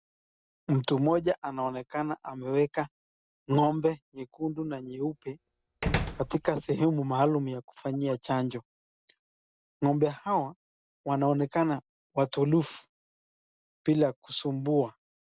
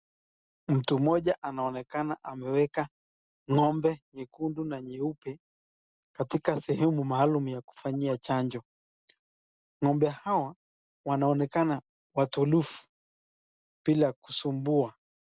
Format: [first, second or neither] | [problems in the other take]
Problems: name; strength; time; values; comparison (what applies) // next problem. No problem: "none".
second | background sound (Slam); 6 dB below the speech